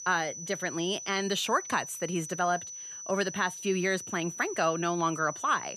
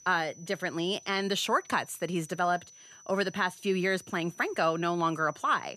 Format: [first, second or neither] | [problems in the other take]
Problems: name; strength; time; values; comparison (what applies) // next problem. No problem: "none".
second | high-pitched whine; loud; throughout; 6 kHz, 9 dB below the speech; faint in the second